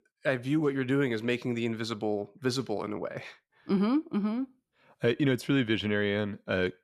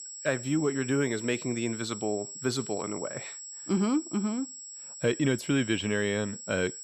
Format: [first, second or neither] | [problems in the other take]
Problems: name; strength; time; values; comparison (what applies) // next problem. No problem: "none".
first | high-pitched whine; loud; throughout; 7.5 kHz, 10 dB below the speech